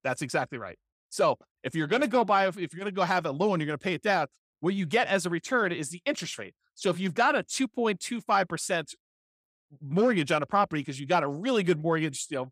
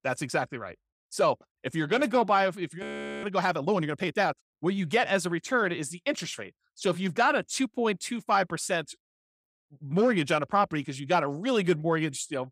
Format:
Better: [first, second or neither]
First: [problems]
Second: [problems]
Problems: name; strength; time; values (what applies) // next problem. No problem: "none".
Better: first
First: none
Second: audio freezing; at 3 s